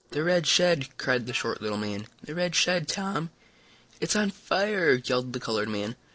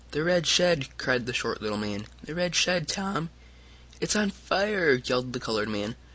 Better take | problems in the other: second | noise reduction (neural separator model SepFormer DNS4)

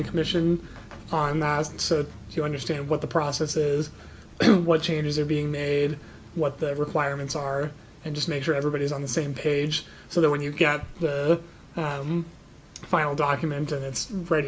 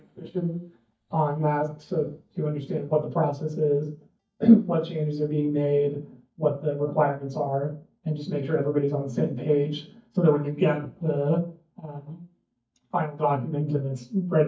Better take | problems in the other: first | noise reduction (neural mask model DeepFilterNet 3)

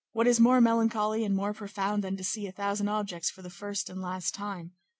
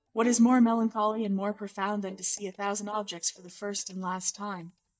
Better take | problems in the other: first | noise reduction (neural mask model DeepFilterNet 3)

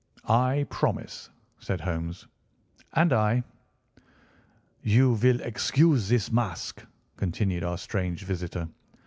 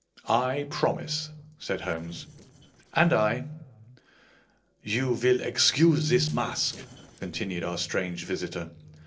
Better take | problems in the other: first | noise reduction (neural separator model SepFormer DNS4)

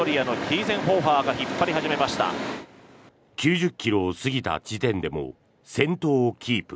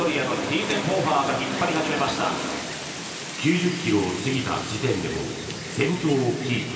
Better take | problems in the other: first | background sound (Wind); 10 dB below the speech // room echo; dies away in 2.5 s

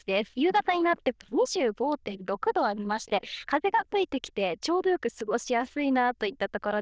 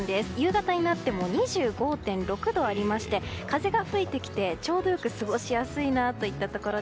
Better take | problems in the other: second | noise reduction (neural diffusion model UNIVERSE++)

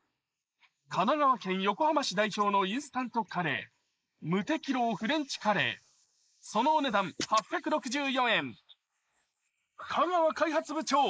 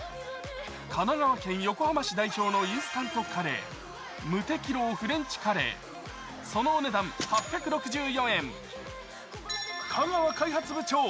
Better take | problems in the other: second | noise reduction (neural mask model Resemble Enhance denoiser)

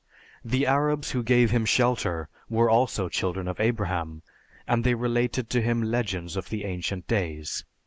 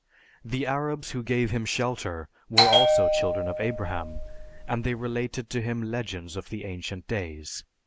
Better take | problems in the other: first | background sound (Bell); 5 dB above the speech

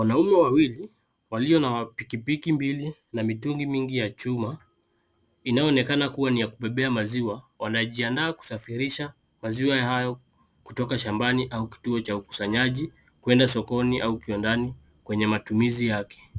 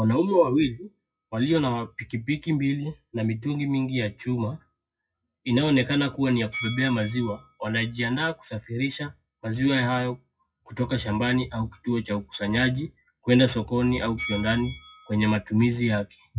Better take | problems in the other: first | noise reduction (classical method WPE with log-MMSE)

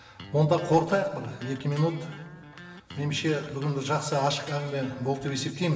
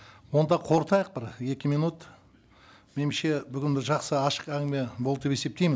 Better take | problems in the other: second | background sound (Electric guitar); 17 dB below the speech // room echo; dies away in 1.4 s

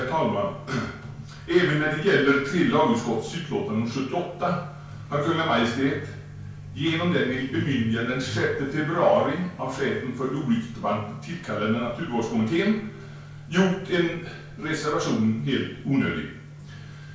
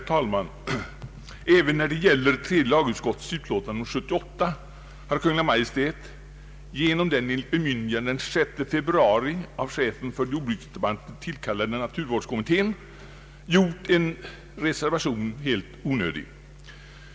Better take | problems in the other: second | background sound (Truck); 18 dB below the speech // room echo; dies away in 0.5 s

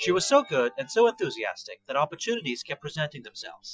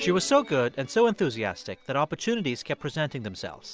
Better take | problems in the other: second | noise reduction (classical method Wiener filter)

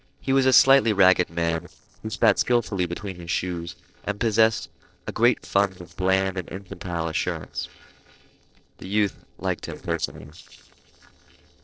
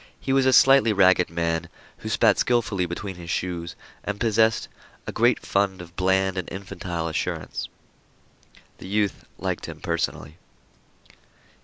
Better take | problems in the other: second | noise reduction (neural separator model SepFormer DNS4)

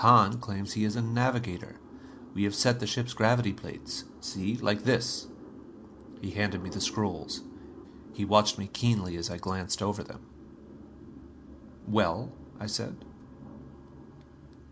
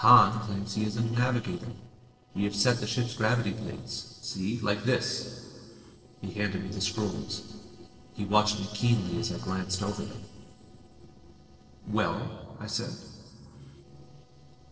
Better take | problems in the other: first | noise reduction (neural separator model SepFormer DNS4)

